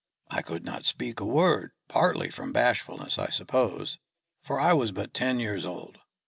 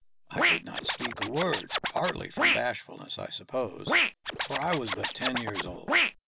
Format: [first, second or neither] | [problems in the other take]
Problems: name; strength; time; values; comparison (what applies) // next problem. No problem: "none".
first | background sound (Scratching (performance technique)); 4 dB above the speech